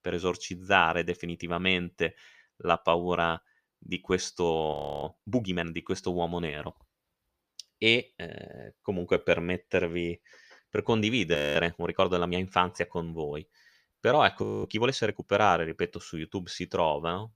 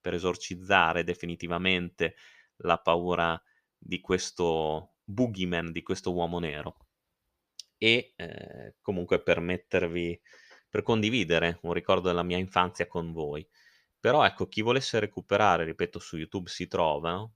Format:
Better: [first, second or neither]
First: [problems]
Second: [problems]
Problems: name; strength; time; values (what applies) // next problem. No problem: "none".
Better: second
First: audio freezing; at 4.5 s, at 11 s and at 14 s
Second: none